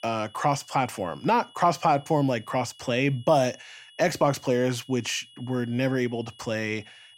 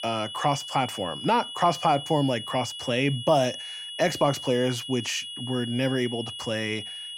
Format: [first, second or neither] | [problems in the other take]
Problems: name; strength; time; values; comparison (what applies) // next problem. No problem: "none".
first | high-pitched whine; loud; throughout; 3 kHz, 8 dB below the speech; faint in the first